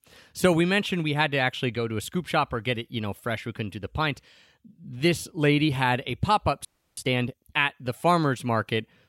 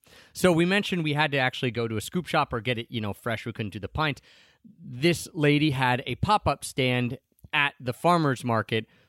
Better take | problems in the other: second | audio freezing; at 6.5 s

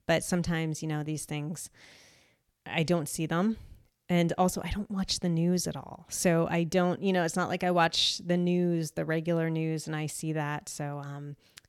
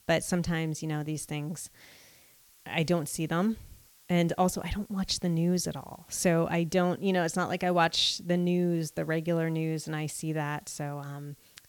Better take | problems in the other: first | hiss; faint; throughout; 30 dB below the speech

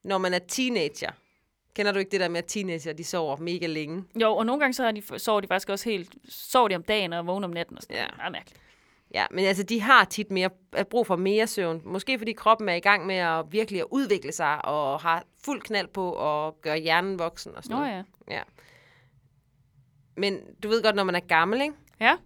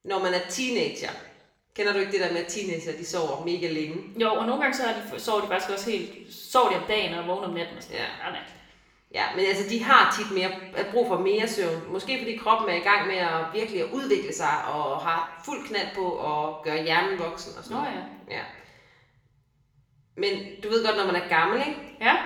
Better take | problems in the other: first | room echo; noticeable; dies away in 0.8 s // off-mic speech; somewhat distant

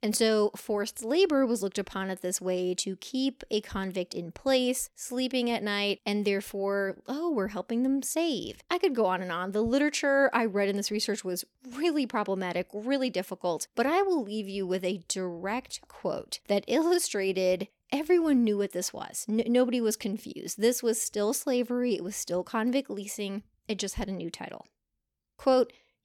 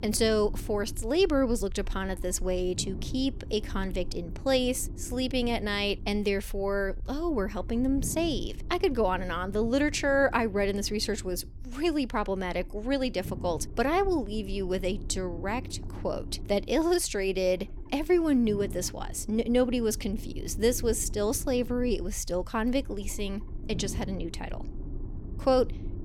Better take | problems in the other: first | low rumble; faint; throughout; 20 dB below the speech

